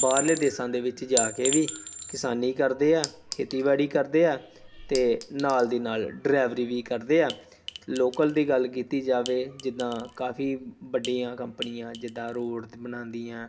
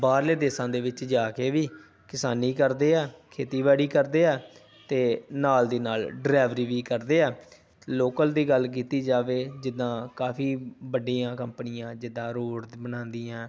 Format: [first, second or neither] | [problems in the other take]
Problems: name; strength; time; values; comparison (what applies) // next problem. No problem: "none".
second | background sound (Chink, clink); 11 dB below the speech // room echo; dies away in 0.3 s